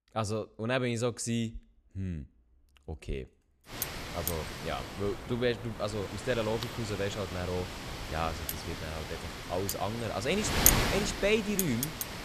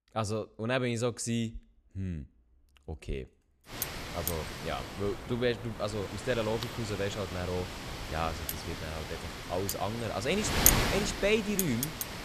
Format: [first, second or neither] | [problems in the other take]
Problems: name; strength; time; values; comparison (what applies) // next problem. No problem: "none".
neither | wind noise on the microphone; heavy; from 3.5 s on; 1 dB below the speech; the same in both